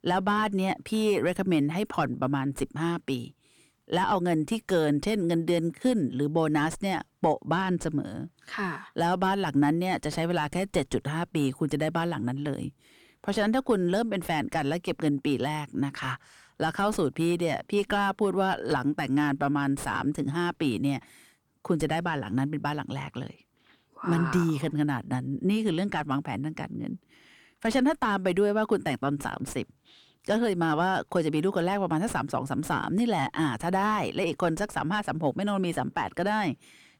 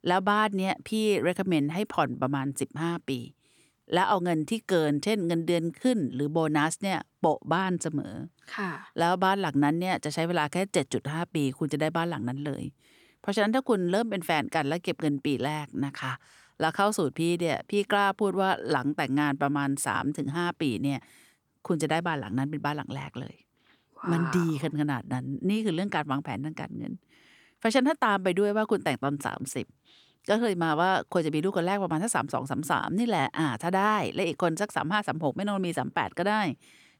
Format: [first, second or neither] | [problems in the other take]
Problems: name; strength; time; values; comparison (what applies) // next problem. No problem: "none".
second | distortion; slight; 10 dB below the speech